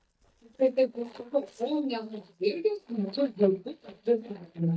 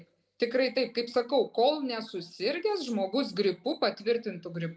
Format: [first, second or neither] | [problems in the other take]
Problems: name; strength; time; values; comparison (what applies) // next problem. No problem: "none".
second | noise reduction (neural mask model DeepFilterNet 3)